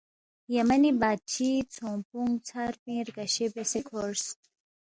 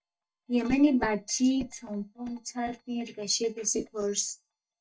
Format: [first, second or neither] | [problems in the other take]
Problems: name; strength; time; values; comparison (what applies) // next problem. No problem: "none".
first | noise reduction (neural mask model DeepFilterNet 3)